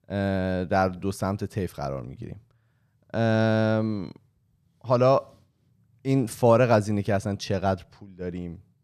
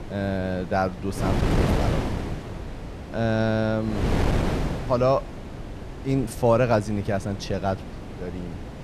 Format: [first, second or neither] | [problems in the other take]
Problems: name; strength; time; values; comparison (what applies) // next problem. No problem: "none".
first | wind noise on the microphone; heavy; 8 dB below the speech